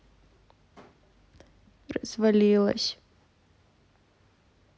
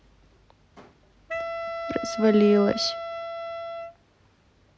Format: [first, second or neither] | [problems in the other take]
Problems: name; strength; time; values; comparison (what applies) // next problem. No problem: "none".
first | background sound (Wind instrument, woodwind instrument); 6 dB below the speech